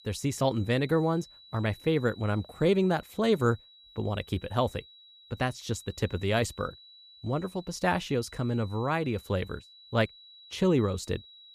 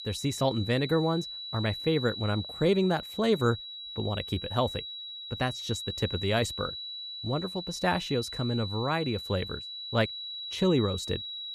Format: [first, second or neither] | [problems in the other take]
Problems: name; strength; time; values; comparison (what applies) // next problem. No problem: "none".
first | high-pitched whine; loud; throughout; 4 kHz, 7 dB below the speech; faint in the first